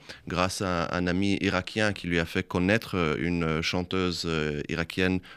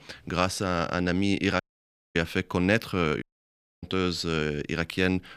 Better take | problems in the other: first | audio cutting out; at 1.5 s for 0.5 s and at 3 s for 0.5 s

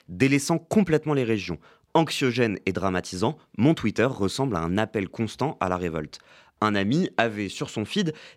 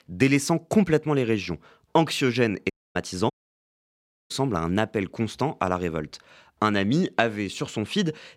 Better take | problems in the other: first | audio cutting out; at 2.5 s and at 3.5 s for 1 s

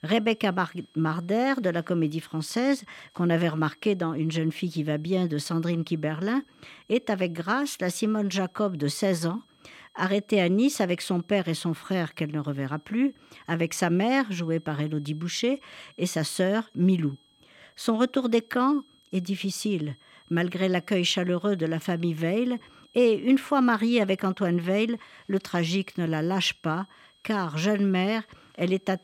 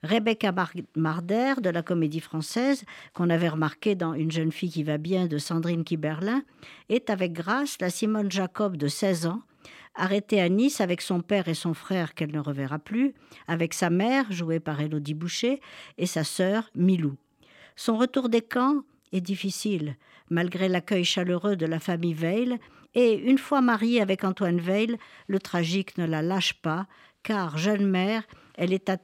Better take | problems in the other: second | high-pitched whine; faint; throughout; 3.5 kHz, 35 dB below the speech

